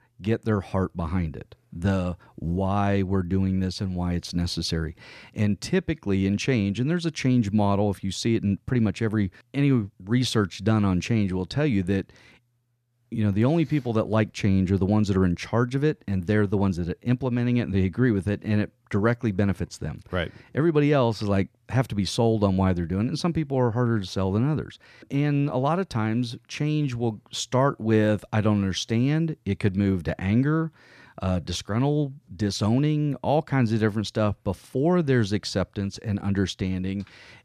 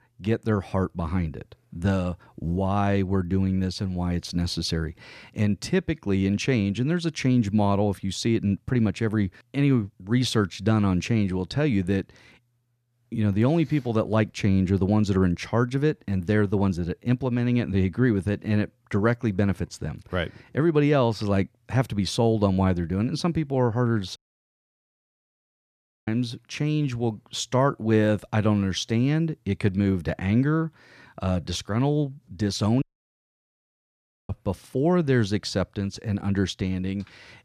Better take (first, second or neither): first